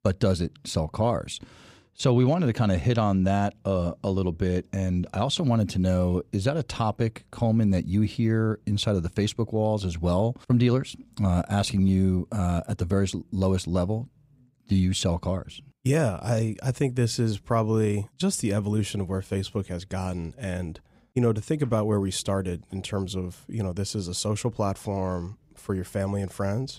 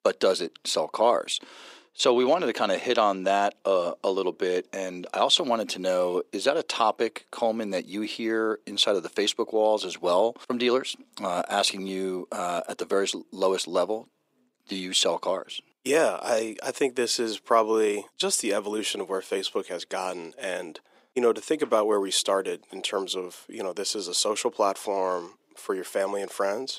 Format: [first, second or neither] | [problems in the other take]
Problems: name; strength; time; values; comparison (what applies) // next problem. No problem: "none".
first | thin; very; fading below 350 Hz